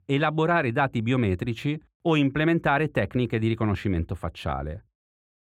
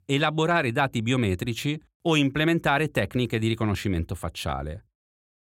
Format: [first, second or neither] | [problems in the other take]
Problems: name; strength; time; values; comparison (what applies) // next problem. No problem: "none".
second | muffled; slightly; fading above 3.5 kHz